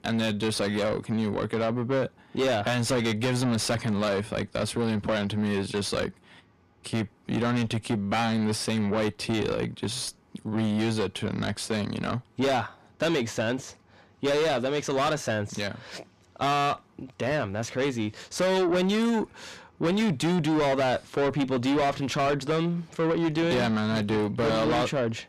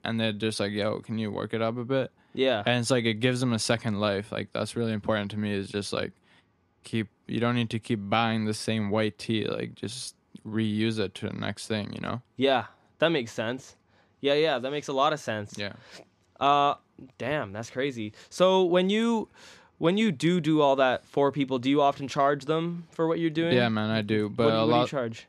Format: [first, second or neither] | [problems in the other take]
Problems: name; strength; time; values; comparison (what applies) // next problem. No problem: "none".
second | distortion; heavy; 6 dB below the speech